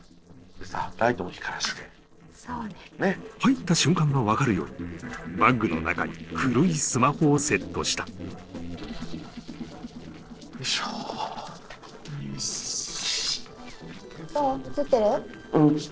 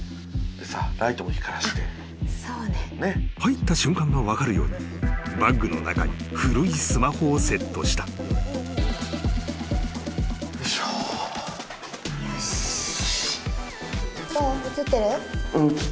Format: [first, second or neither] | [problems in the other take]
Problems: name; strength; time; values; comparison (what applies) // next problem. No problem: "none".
second | noise reduction (neural separator model SepFormer DNS4)